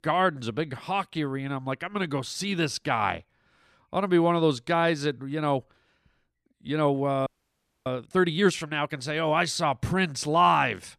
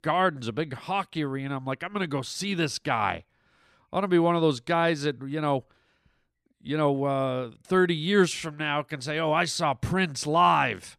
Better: second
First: audio freezing; at 7.5 s for 0.5 s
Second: none

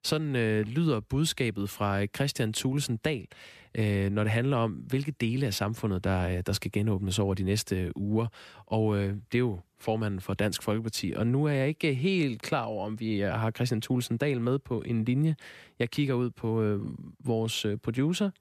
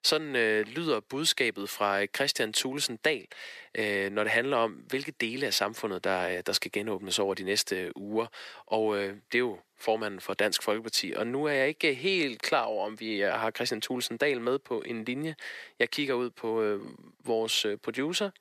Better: first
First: none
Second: thin; somewhat; fading below 450 Hz

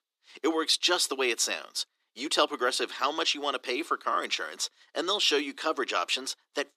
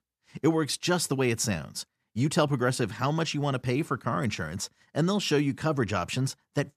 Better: second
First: thin; very; fading below 300 Hz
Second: none

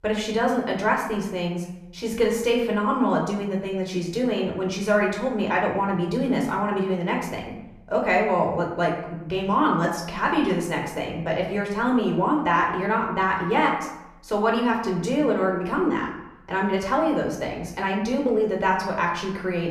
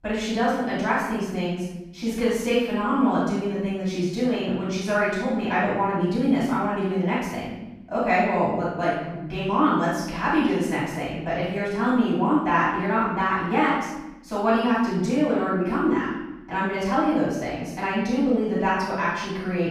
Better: first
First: room echo; slight; dies away in 0.8 s // off-mic speech; somewhat distant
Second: room echo; strong; dies away in 0.9 s // off-mic speech; far

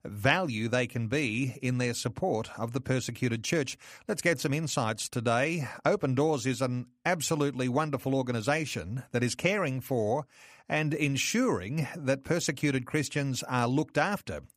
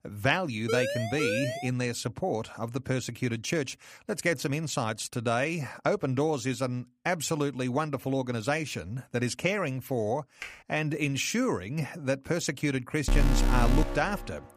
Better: first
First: none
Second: siren; noticeable; from 0.5 to 1.5 s; peak level with the speech // keyboard typing; faint; at 10 s; peak 15 dB below the speech // alarm; loud; from 13 s on; peak 3 dB above the speech

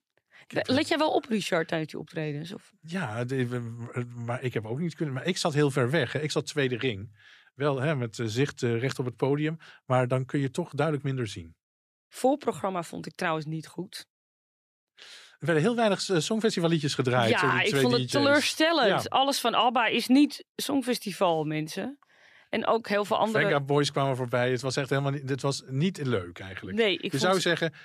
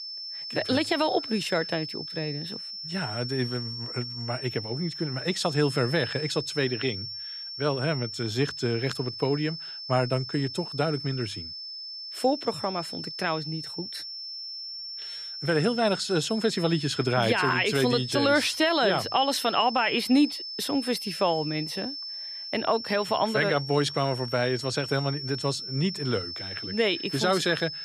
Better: first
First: none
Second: high-pitched whine; loud; throughout; 5.5 kHz, 7 dB below the speech

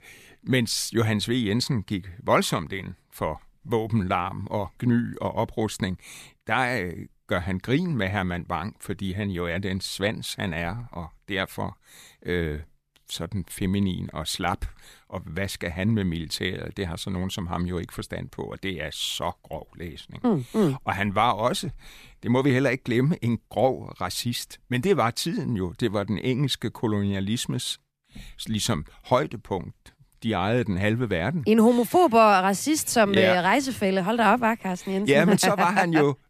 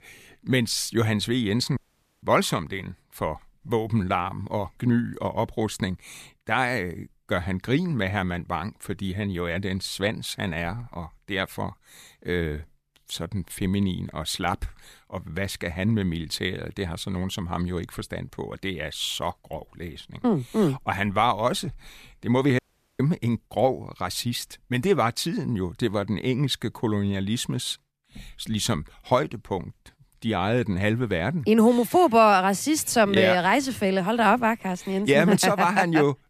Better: first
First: none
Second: audio cutting out; at 2 s and at 23 s

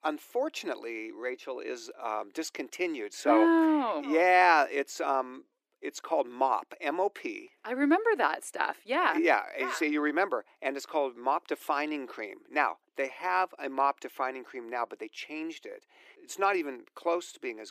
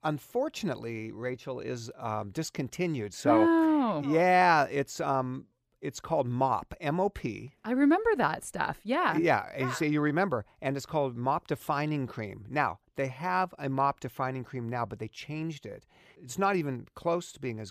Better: second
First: thin; very slightly; fading below 300 Hz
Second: none

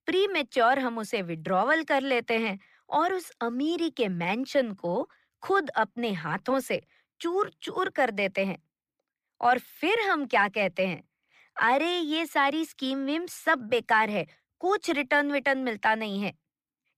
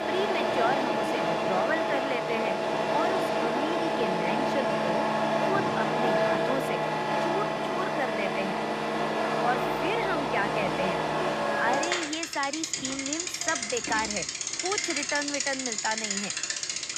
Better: first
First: none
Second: traffic noise; very loud; throughout; 5 dB above the speech

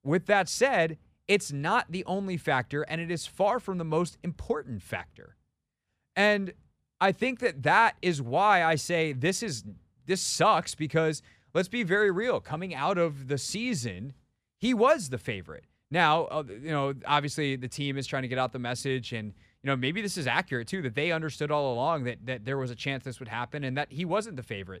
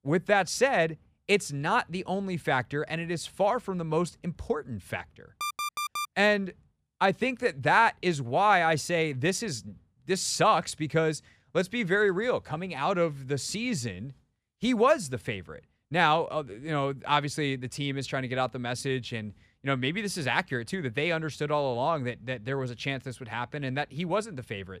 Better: first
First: none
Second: alarm; noticeable; at 5.5 s; peak 3 dB below the speech

